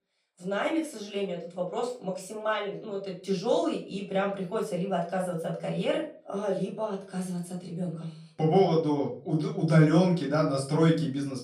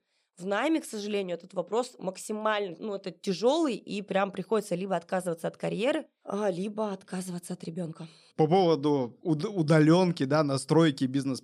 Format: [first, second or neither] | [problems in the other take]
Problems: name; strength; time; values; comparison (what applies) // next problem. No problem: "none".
second | off-mic speech; far // room echo; slight; dies away in 0.3 s